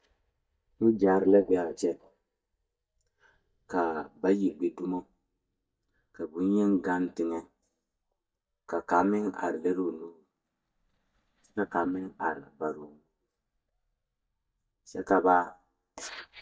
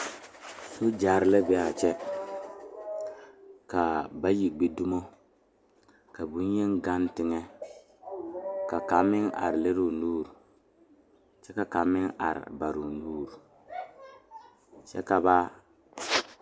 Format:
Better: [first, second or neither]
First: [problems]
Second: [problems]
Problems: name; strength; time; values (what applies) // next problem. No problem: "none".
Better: second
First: noise reduction (neural mask model DeepFilterNet 3)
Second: none